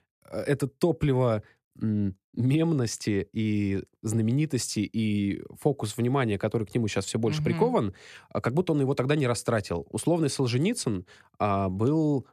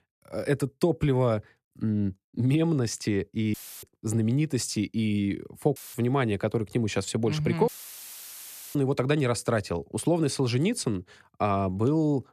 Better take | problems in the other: first | audio cutting out; filled with static; at 3.5 s, at 6 s and at 7.5 s for 1 s

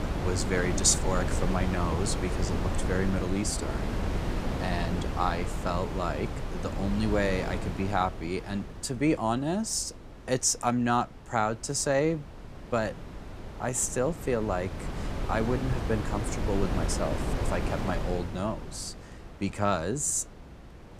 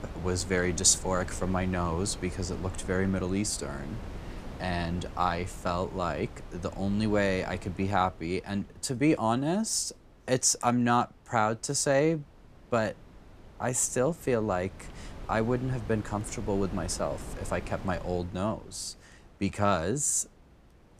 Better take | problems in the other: second | wind noise on the microphone; heavy; 7 dB below the speech; occasional gusts in the second

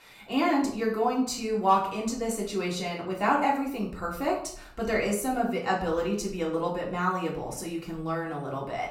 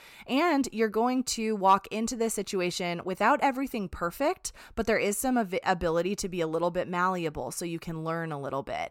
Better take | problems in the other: second | off-mic speech; far // room echo; slight; dies away in 0.5 s

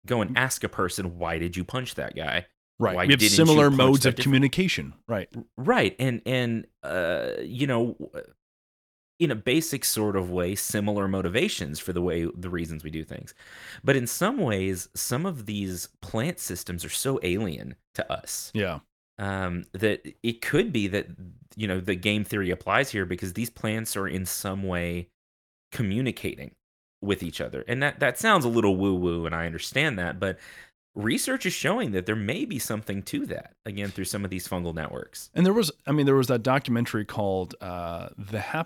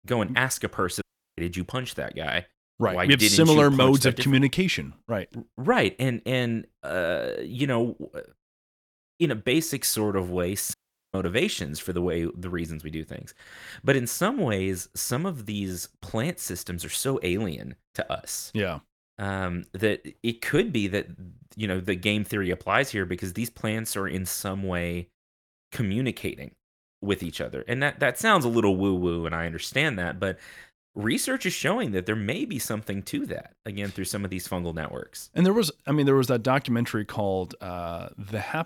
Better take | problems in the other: first | audio cutting out; at 1 s and at 11 s

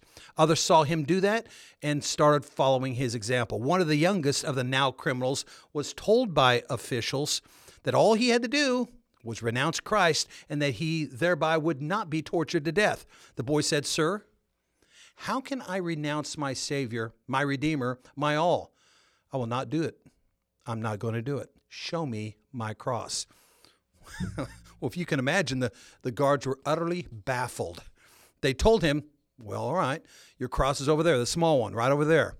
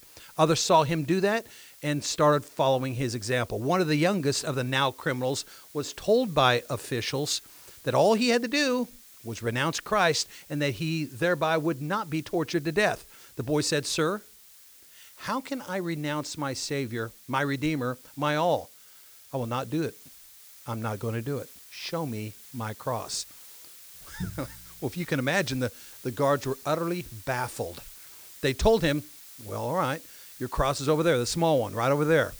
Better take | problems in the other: first | hiss; noticeable; throughout; 20 dB below the speech

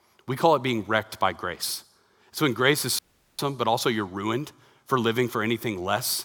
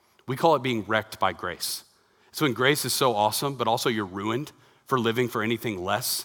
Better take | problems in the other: second | audio cutting out; at 3 s

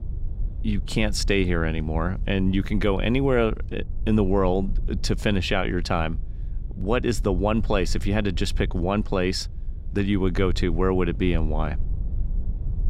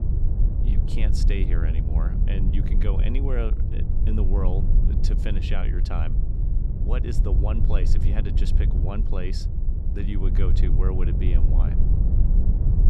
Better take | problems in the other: first | low rumble; loud; throughout; 3 dB below the speech; faint in the first

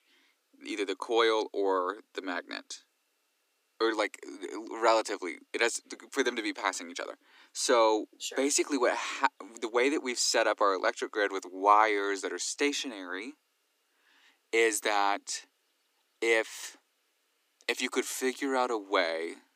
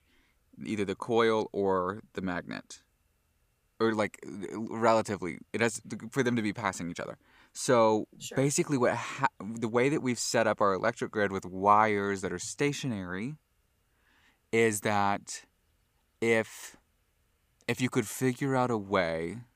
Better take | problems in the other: second | thin; very slightly; fading below 250 Hz

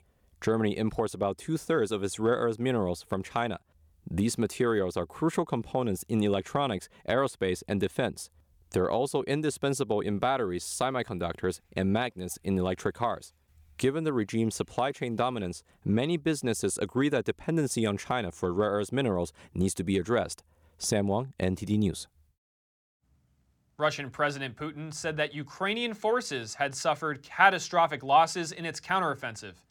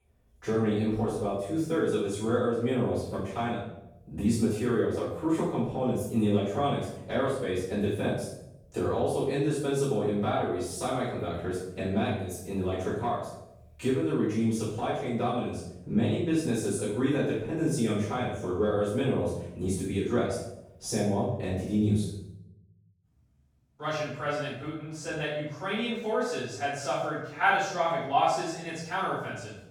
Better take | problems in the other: first | room echo; strong; dies away in 0.8 s // off-mic speech; far

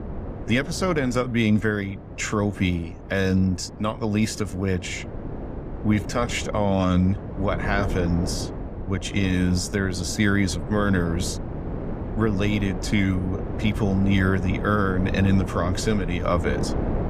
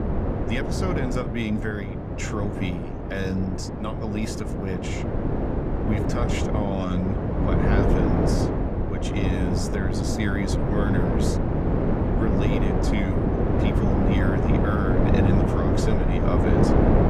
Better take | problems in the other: first | wind noise on the microphone; heavy; 4 dB above the speech; occasional gusts in the first

